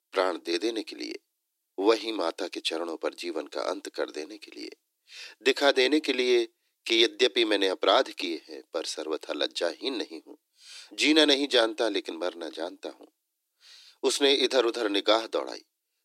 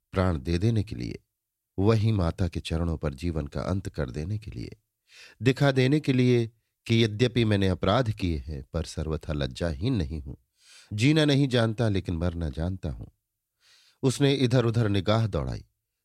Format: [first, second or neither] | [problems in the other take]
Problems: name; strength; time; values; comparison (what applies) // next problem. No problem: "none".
second | thin; very; fading below 300 Hz